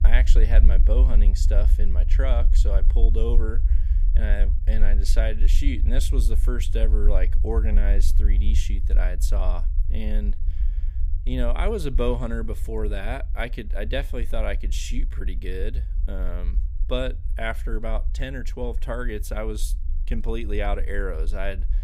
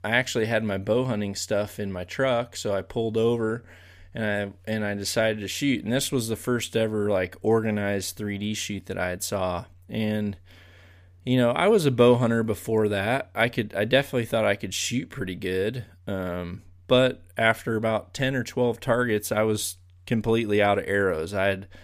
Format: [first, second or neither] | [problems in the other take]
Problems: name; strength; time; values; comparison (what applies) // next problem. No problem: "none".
second | low rumble; noticeable; throughout; 15 dB below the speech